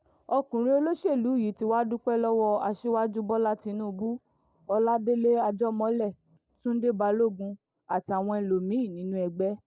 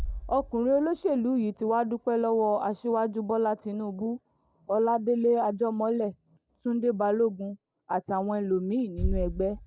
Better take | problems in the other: first | background sound (Bass drum); 12 dB below the speech

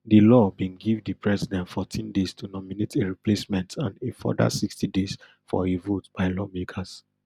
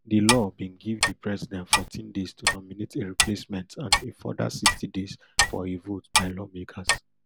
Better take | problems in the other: first | background sound (Clock); 2 dB above the speech

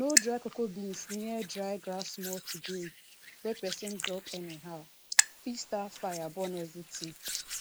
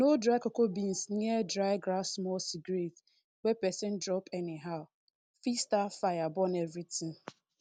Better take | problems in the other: second | noise reduction (neural mask model Resemble Enhance denoiser)

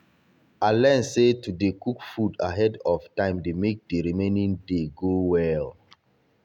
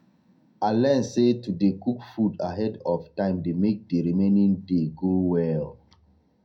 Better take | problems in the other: first | room echo; dies away in 0.2 s

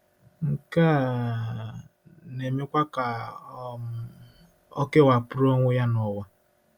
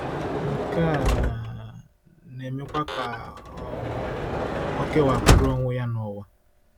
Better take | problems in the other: first | background sound (Sliding door / Motor vehicle (road)); 2 dB above the speech

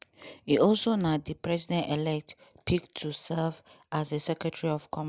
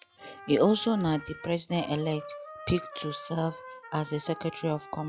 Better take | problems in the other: first | noise reduction (classical method log-MMSE)

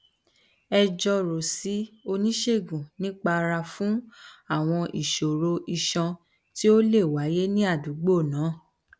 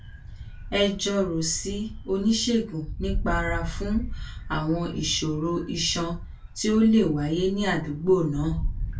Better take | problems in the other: first | background sound (Wind); 8 dB below the speech // room echo; dies away in 0.2 s

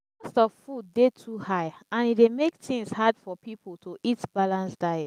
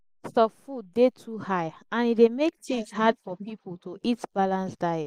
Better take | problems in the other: first | noise reduction (neural mask model Resemble Enhance denoiser)

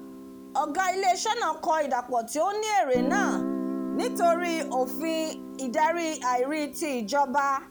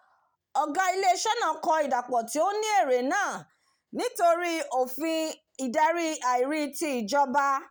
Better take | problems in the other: second | background sound (Guitar); 8 dB below the speech

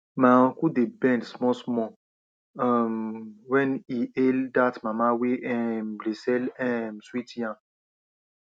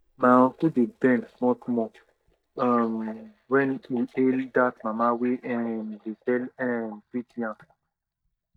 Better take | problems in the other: first | noise reduction (neural mask model DeepFilterNet 3)

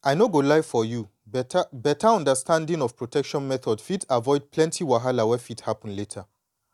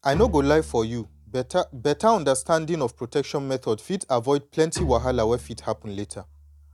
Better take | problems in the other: first | background sound (Bowed string instrument); 14 dB below the speech

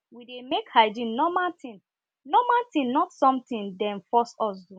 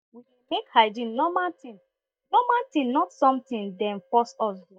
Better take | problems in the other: first | noise reduction (neural mask model DeepFilterNet 3)

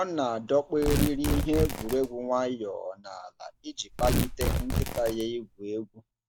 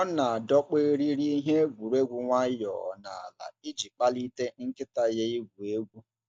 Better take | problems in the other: second | background sound (Tearing); 2 dB below the speech

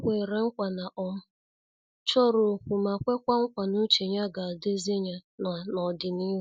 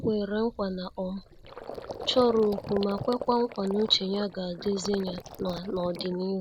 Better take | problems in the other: first | background sound (Gurgling); 12 dB below the speech

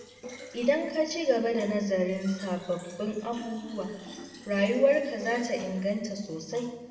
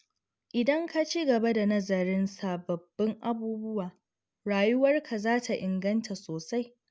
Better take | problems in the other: second | background sound (Fill (with liquid)); 18 dB below the speech // room echo; dies away in 1.2 s

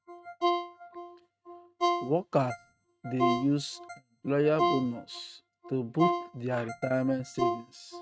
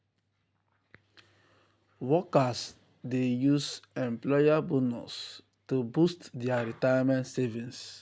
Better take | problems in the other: second | noise reduction (neural mask model RNNoise)

